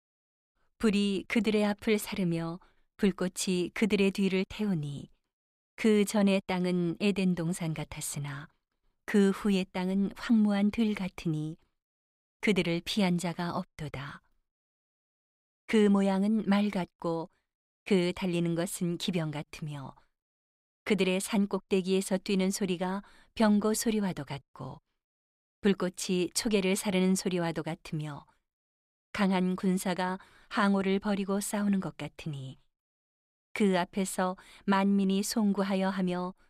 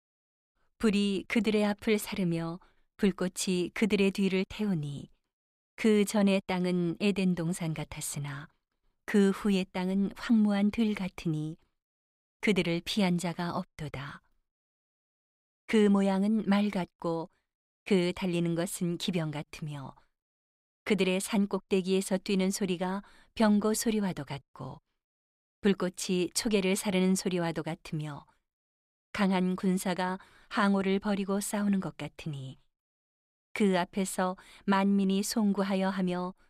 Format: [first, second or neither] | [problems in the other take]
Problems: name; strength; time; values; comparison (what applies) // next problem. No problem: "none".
neither | none